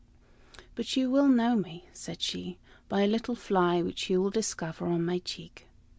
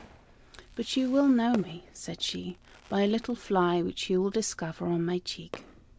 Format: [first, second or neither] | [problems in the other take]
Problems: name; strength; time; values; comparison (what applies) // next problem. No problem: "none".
first | background sound (Fireworks); 20 dB below the speech